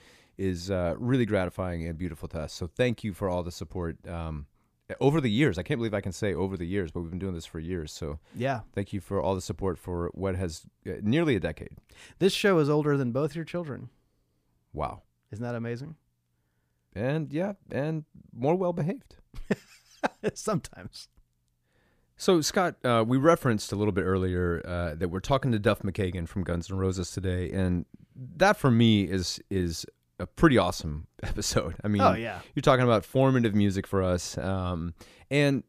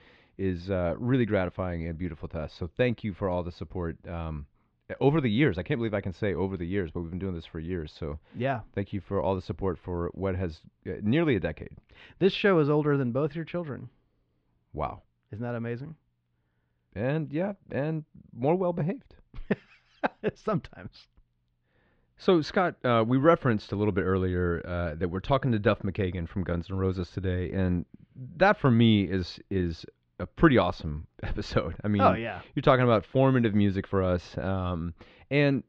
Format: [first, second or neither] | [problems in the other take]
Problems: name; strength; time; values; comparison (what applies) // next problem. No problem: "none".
first | muffled; slightly; fading above 3.5 kHz